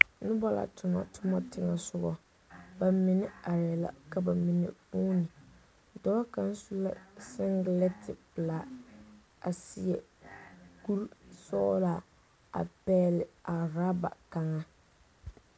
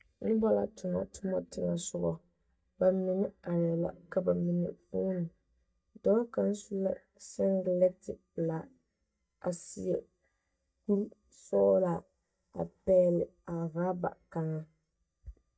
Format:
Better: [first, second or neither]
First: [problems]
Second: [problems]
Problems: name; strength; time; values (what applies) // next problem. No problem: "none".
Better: first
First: none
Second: noise reduction (neural mask model DeepFilterNet 3)